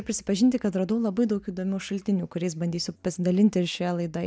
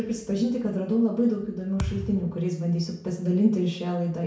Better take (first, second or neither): first